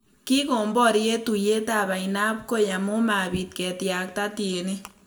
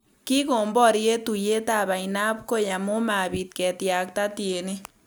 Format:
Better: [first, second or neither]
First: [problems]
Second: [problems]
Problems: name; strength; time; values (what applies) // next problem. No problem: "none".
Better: second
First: room echo; dies away in 0.5 s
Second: none